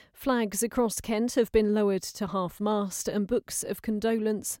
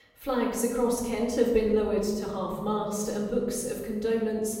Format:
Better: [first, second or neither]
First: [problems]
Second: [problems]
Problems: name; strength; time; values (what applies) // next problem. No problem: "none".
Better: first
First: none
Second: room echo; noticeable; dies away in 1.6 s // off-mic speech; far